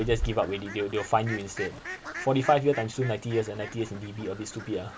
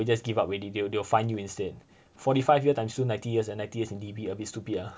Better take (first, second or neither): second